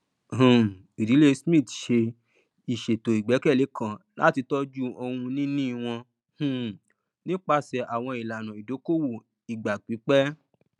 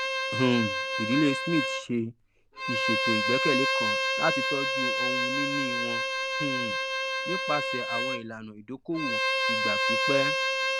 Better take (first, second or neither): first